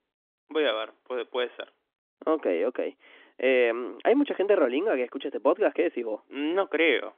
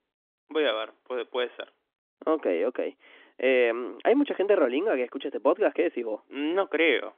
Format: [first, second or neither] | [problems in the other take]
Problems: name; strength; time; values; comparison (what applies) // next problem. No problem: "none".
neither | phone-call audio; nothing above 3.5 kHz; the same in both